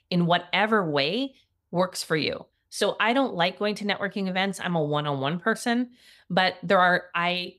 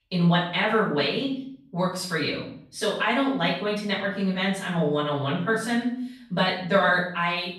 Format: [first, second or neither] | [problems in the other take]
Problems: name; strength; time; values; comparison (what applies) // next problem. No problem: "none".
first | off-mic speech; far // room echo; noticeable; dies away in 0.6 s